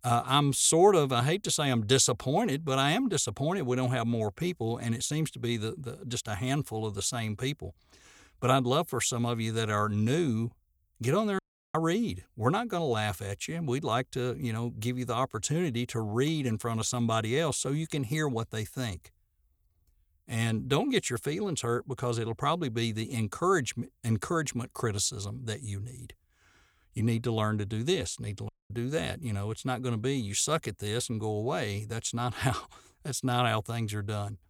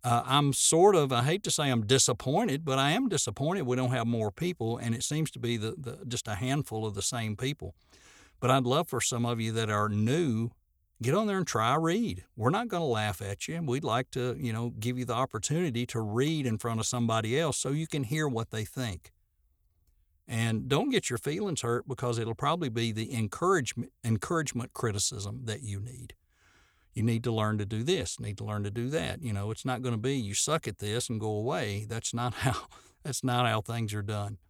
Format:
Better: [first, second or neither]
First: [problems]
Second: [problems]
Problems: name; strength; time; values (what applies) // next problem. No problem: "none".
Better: second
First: audio cutting out; at 11 s and at 28 s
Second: none